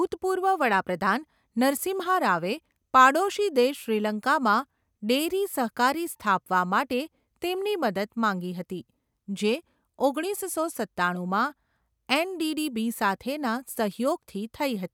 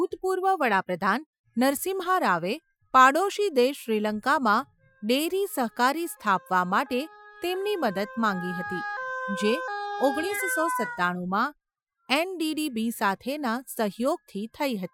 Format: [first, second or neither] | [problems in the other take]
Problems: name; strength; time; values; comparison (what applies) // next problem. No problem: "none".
first | noise reduction (classical method Wiener filter)